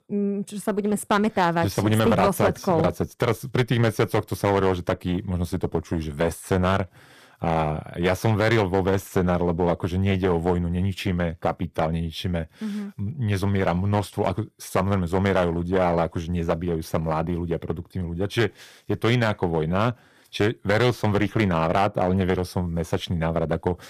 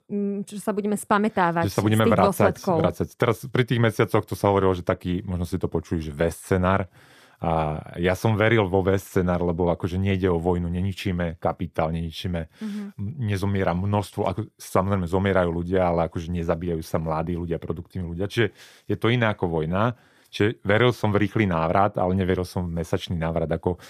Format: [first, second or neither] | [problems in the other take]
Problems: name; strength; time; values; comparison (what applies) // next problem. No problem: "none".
second | distortion; slight; 5% of the sound clipped